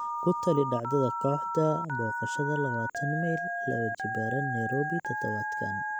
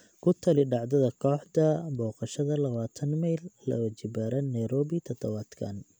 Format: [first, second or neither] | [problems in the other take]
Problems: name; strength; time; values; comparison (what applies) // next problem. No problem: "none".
second | background sound (Telephone); 2 dB below the speech